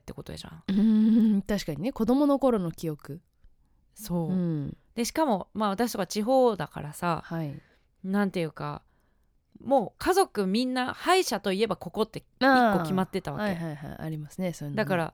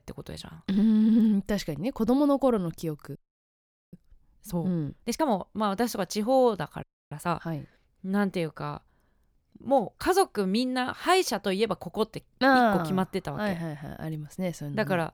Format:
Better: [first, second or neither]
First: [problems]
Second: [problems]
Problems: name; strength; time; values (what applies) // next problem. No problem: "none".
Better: first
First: none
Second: audio freezing; at 3 s for 1 s and at 7 s